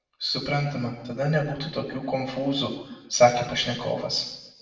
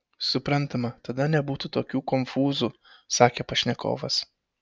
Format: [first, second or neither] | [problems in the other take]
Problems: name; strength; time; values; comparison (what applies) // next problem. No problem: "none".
second | room echo; dies away in 1 s